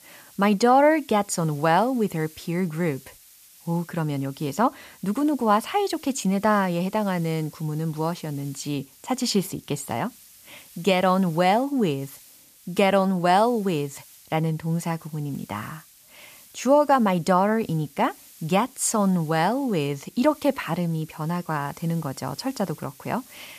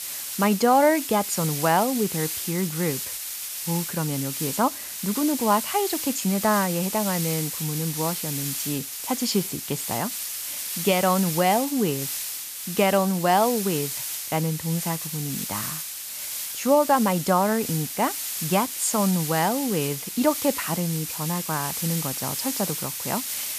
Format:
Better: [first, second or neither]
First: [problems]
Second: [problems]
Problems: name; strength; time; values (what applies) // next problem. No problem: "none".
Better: first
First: hiss; faint; throughout; 25 dB below the speech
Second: hiss; loud; throughout; 4 dB below the speech